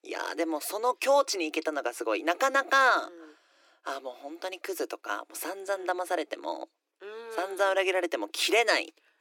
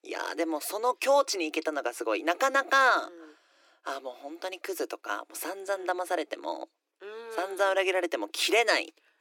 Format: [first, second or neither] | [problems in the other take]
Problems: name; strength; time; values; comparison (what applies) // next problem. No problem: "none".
neither | thin; very; fading below 300 Hz; the same in both